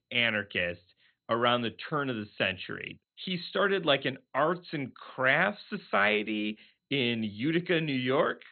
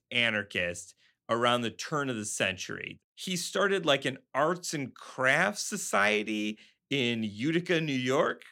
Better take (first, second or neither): second